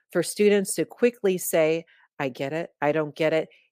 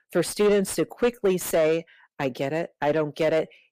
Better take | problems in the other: first | distortion; slight; 10 dB below the speech

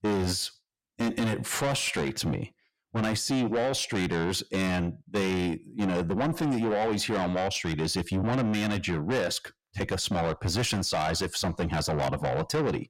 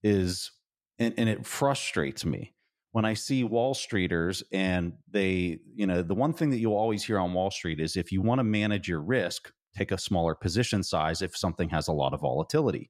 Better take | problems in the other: second | distortion; heavy; 5 dB below the speech

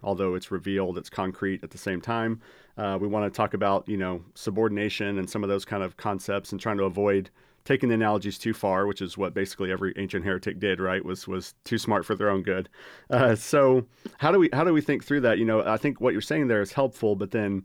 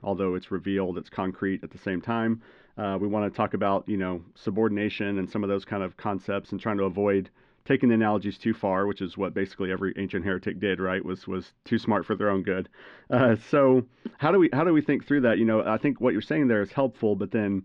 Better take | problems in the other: first | muffled; slightly; fading above 3.5 kHz

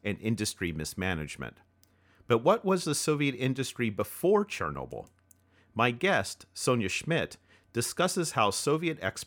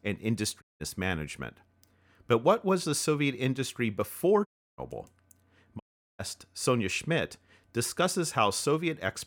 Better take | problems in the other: first | audio cutting out; at 0.5 s, at 4.5 s and at 6 s

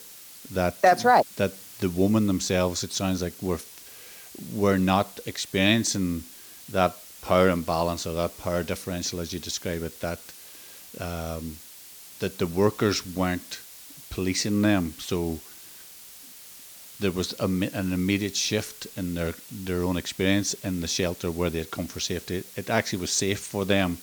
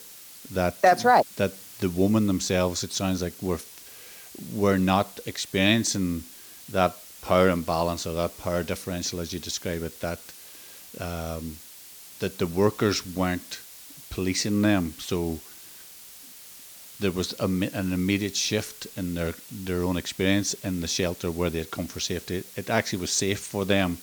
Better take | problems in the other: neither | hiss; noticeable; throughout; 15 dB below the speech; the same in both

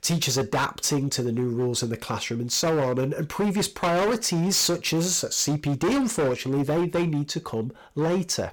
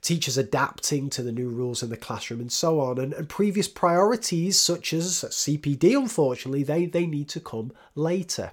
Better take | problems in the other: second | distortion; heavy; 18% of the sound clipped

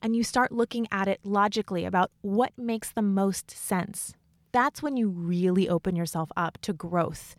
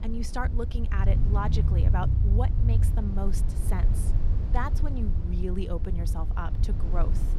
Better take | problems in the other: first | low rumble; loud; throughout; 6 dB below the speech

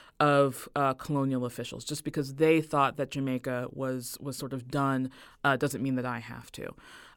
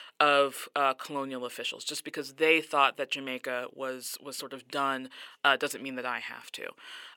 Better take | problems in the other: first | thin; somewhat; fading below 450 Hz

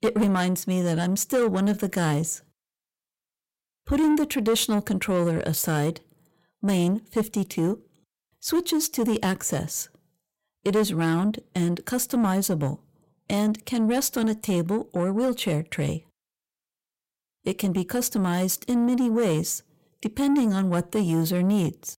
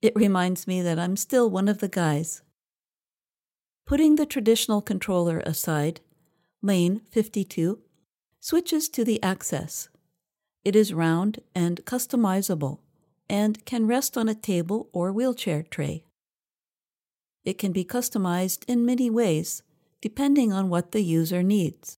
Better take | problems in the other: second | distortion; slight; 10 dB below the speech

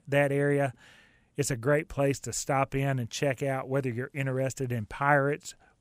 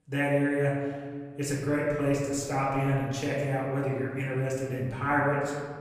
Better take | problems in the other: first | room echo; noticeable; dies away in 1.7 s // off-mic speech; far

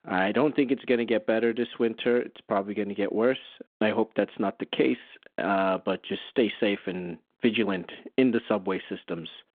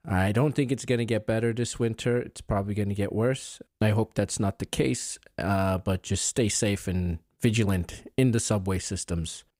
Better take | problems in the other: second | phone-call audio

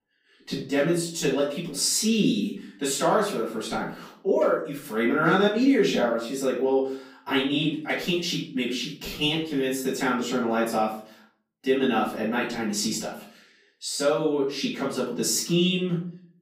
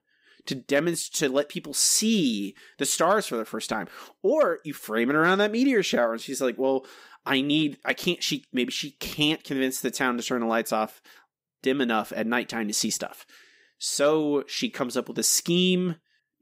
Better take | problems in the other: second | off-mic speech; far // room echo; noticeable; dies away in 0.4 s

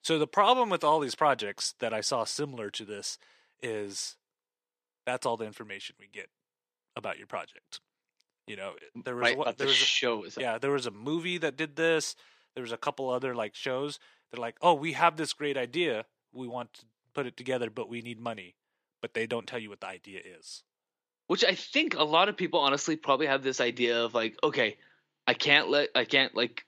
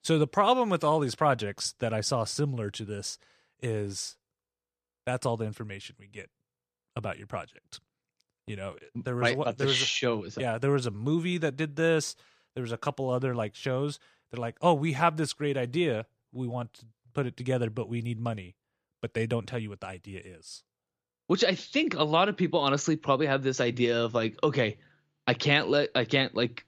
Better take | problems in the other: second | thin; somewhat; fading below 300 Hz

